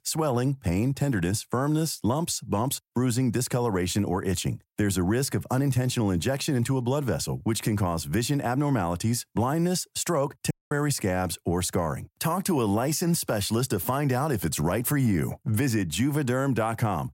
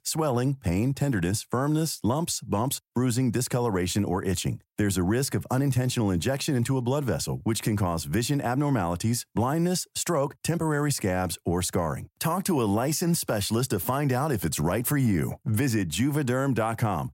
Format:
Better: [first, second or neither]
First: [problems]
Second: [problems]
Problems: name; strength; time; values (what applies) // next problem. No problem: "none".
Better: second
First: audio cutting out; at 11 s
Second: none